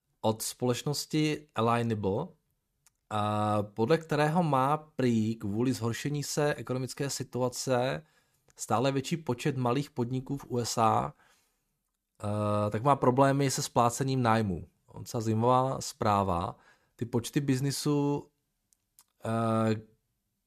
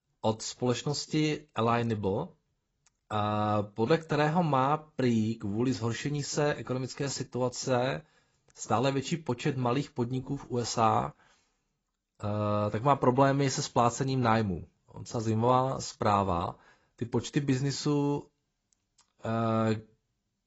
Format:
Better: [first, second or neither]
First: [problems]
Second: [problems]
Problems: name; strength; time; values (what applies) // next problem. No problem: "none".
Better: first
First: none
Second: garbled, watery; badly; nothing above 7.5 kHz